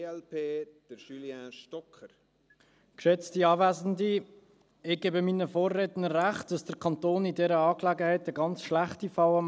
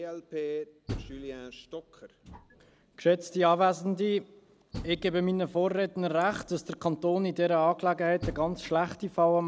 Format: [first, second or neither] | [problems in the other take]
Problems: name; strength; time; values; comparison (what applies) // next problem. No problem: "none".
first | background sound (Door); 18 dB below the speech